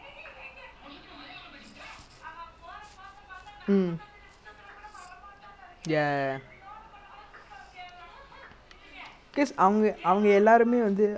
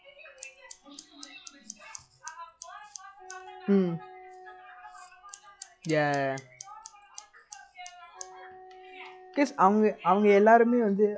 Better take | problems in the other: first | noise reduction (classical method log-MMSE)

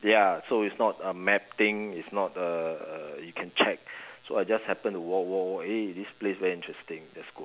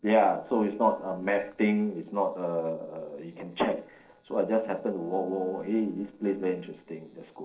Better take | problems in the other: first | noise reduction (neural separator model SepFormer DNS4)

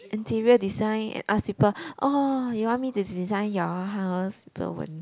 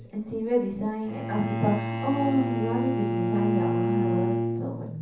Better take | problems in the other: first | background sound (Bowed string instrument); as loud as the speech // room echo; dies away in 0.7 s

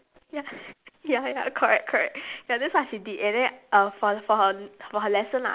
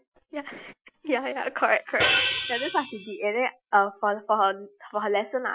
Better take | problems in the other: first | noise reduction (classical method Wiener filter)

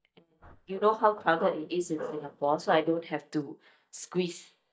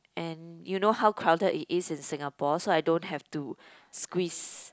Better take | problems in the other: second | noise reduction (neural mask model DeepFilterNet 3)

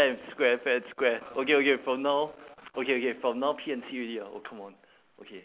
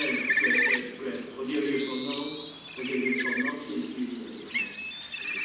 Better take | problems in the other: first | background sound (Bird); 1 dB above the speech // room echo; dies away in 1.2 s

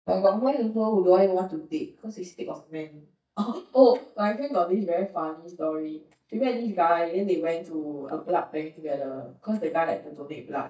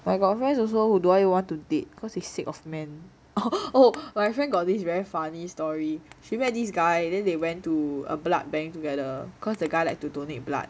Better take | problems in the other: second | noise reduction (neural mask model DeepFilterNet 3)

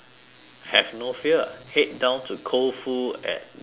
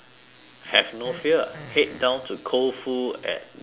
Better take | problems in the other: first | background sound (Fart); 19 dB below the speech

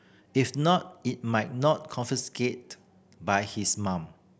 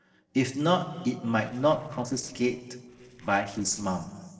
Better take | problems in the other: first | noise reduction (neural separator model SepFormer DNS4)

